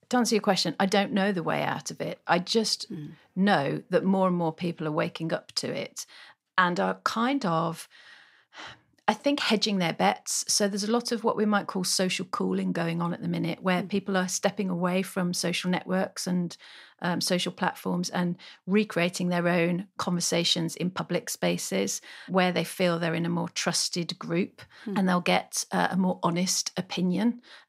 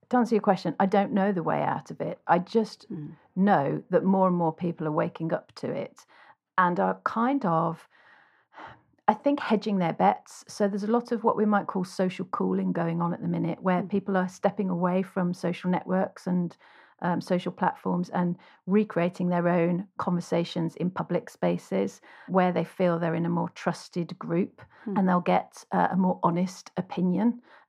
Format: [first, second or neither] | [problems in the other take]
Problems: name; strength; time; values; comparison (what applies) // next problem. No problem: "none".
first | muffled; very; fading above 2.5 kHz